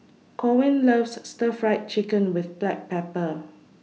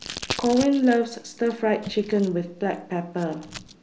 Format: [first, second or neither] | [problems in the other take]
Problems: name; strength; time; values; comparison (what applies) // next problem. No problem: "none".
first | background sound (Packing tape, duct tape); 14 dB below the speech